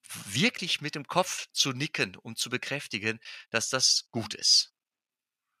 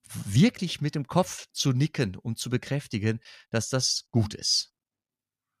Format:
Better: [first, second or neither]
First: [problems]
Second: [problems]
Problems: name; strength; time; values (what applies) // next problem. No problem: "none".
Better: second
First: thin; somewhat; fading below 600 Hz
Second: none